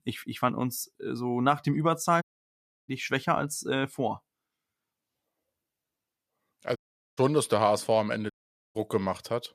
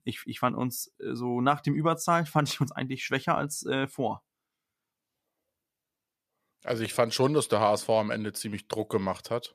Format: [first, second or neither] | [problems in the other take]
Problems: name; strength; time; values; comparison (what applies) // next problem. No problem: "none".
second | audio cutting out; at 2 s for 0.5 s, at 7 s and at 8.5 s